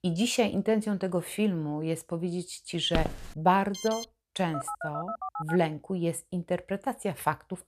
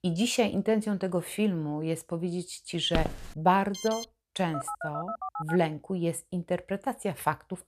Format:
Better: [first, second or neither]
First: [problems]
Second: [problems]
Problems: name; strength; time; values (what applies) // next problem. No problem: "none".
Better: neither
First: footsteps; noticeable; at 3 s; peak 4 dB below the speech // alarm; noticeable; at 3.5 s; peak 8 dB below the speech // phone ringing; noticeable; from 4.5 to 5.5 s; peak 6 dB below the speech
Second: footsteps; noticeable; at 3 s; peak 4 dB below the speech // alarm; noticeable; at 3.5 s; peak 8 dB below the speech // phone ringing; noticeable; from 4.5 to 5.5 s; peak 6 dB below the speech